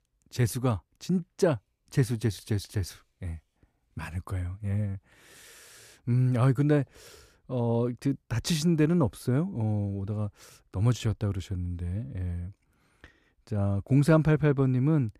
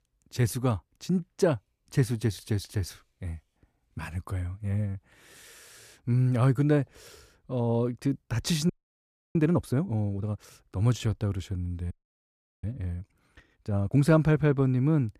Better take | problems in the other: first | audio freezing; at 8.5 s for 0.5 s and at 12 s for 0.5 s

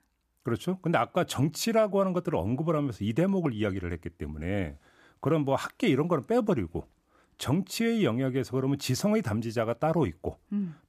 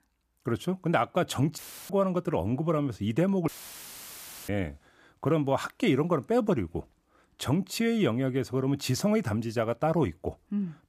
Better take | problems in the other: first | audio cutting out; filled with static; at 1.5 s and at 3.5 s for 1 s

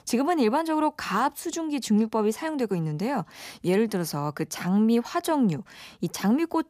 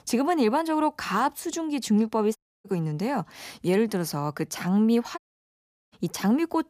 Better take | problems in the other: first | audio cutting out; at 2.5 s and at 5 s for 0.5 s

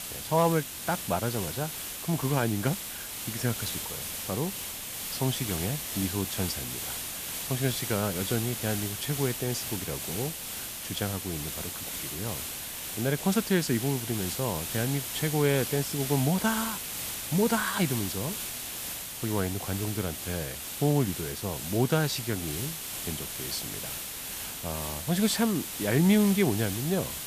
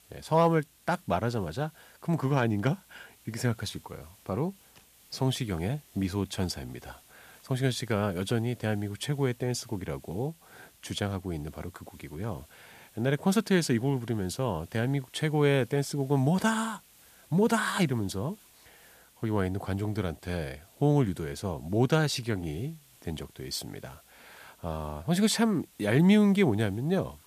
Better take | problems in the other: second | hiss; loud; throughout; 4 dB below the speech; faint in the second

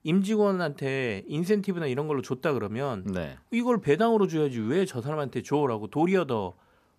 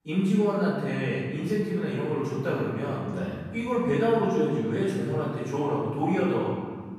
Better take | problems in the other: first | off-mic speech; far // room echo; strong; dies away in 1.6 s

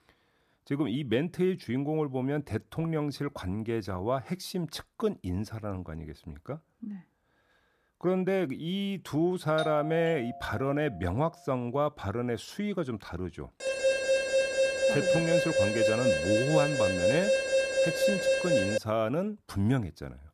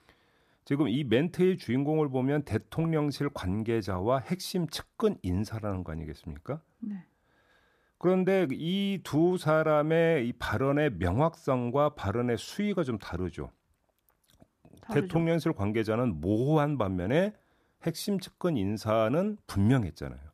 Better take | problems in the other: second | doorbell; noticeable; from 9.5 to 11 s; peak 5 dB below the speech // alarm; loud; from 14 to 19 s; peak 5 dB above the speech

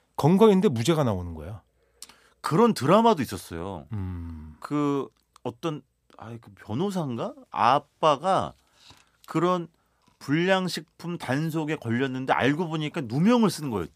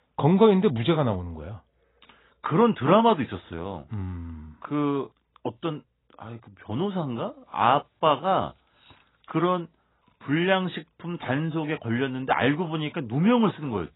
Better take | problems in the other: first | garbled, watery; badly; nothing above 4 kHz

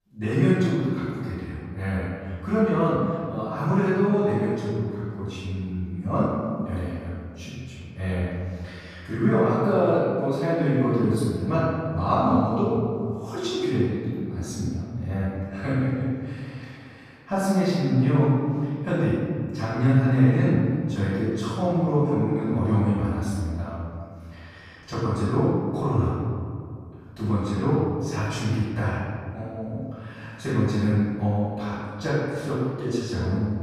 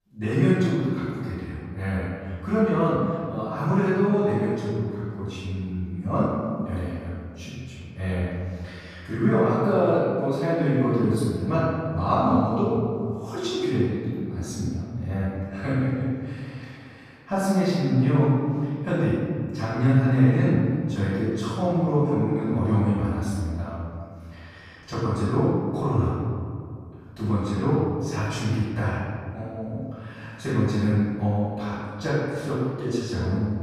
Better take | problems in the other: neither | room echo; strong; dies away in 2 s; the same in both // off-mic speech; far; the same in both

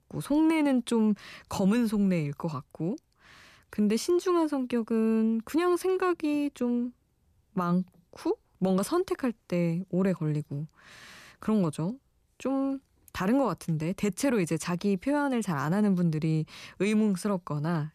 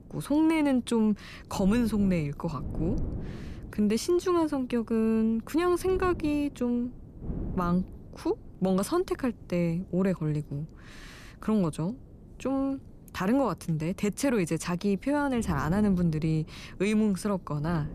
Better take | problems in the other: first | wind noise on the microphone; occasional gusts; 20 dB below the speech

